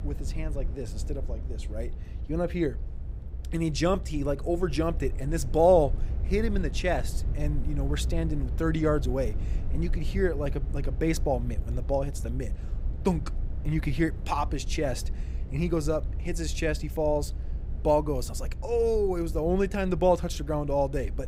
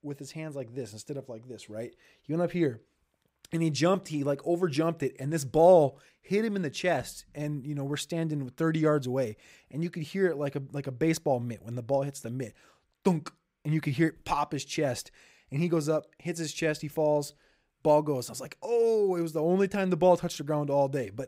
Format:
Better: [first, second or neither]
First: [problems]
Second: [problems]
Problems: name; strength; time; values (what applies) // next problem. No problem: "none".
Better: second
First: low rumble; faint; throughout; 20 dB below the speech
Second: none